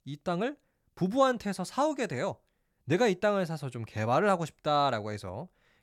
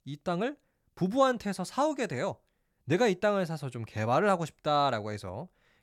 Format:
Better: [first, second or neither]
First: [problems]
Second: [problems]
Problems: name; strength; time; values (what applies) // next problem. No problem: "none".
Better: neither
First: none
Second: none